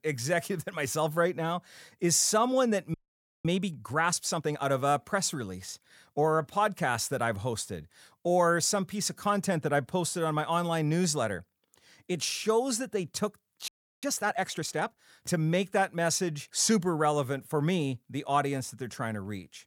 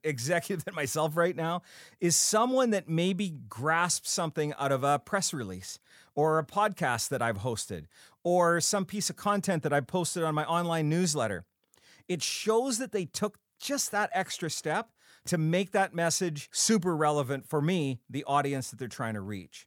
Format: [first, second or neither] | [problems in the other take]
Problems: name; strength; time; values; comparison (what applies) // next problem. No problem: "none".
second | audio freezing; at 3 s for 0.5 s and at 14 s